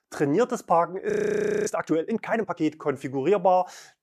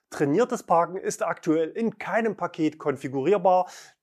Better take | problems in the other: second | audio freezing; at 1 s for 0.5 s

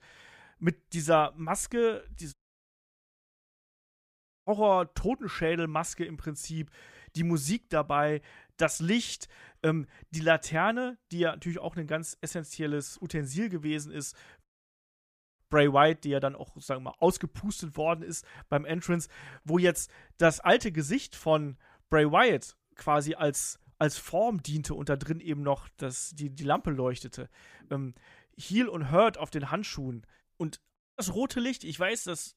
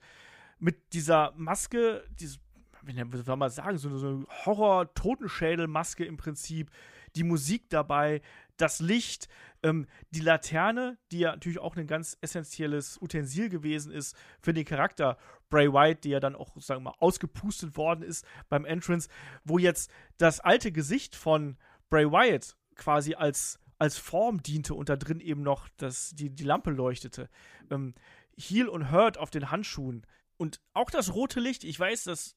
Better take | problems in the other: second | audio cutting out; at 2.5 s for 2 s, at 14 s for 1 s and at 31 s

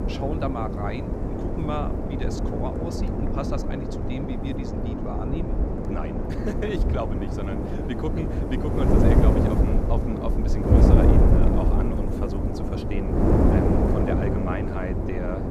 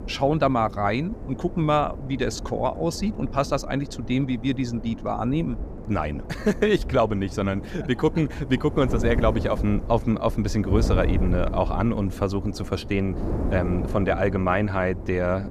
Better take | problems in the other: second | wind noise on the microphone; heavy; 4 dB above the speech; occasional gusts in the second

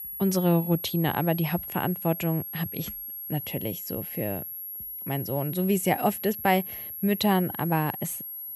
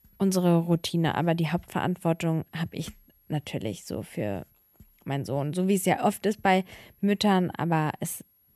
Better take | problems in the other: second | high-pitched whine; loud; throughout; 11.5 kHz, 7 dB below the speech; faint in the second

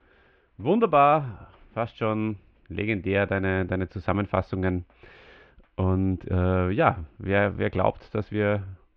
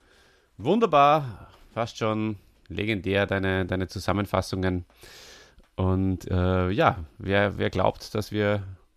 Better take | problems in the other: second | muffled; very; fading above 2.5 kHz

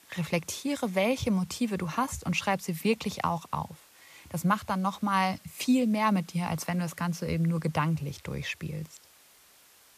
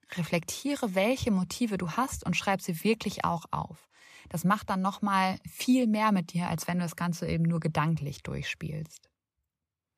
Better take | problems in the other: second | hiss; faint; throughout; 25 dB below the speech

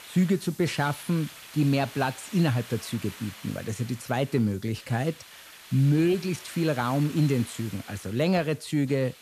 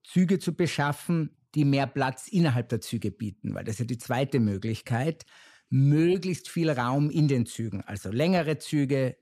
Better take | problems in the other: second | hiss; noticeable; throughout; 15 dB below the speech

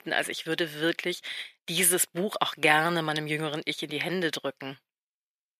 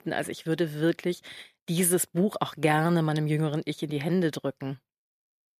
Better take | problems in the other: second | thin; somewhat; fading below 650 Hz

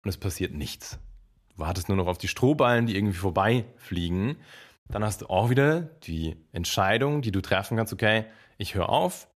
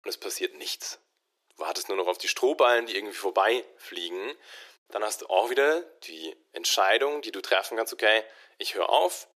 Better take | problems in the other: first | thin; very; fading below 350 Hz

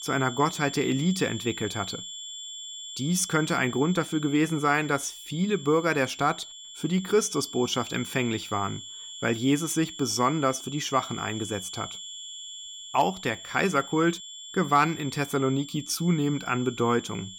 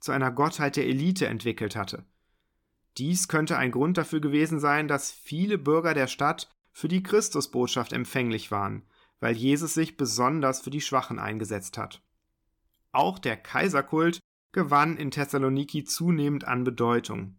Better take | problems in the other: second | high-pitched whine; noticeable; throughout; 3.5 kHz, 10 dB below the speech

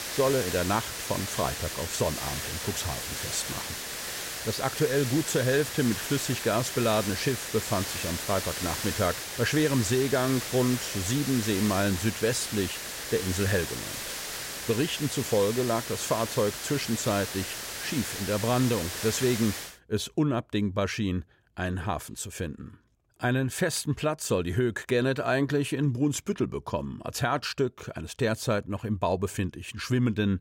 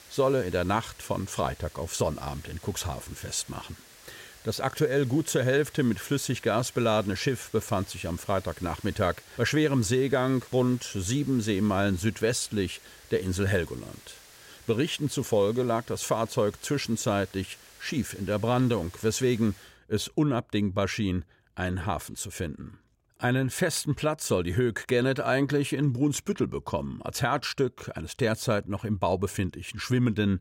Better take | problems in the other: second | hiss; loud; until 20 s; 5 dB below the speech; faint in the second

